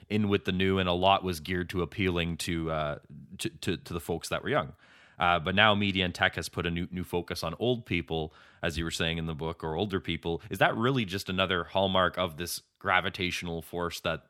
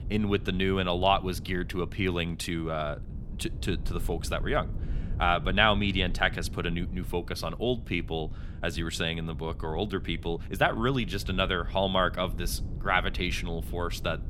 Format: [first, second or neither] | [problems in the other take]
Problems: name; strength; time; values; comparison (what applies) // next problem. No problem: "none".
first | low rumble; faint; throughout; 20 dB below the speech